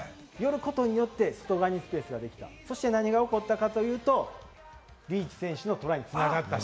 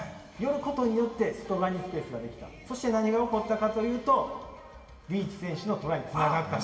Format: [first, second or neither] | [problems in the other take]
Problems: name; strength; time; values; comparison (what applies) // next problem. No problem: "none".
first | room echo; dies away in 2.1 s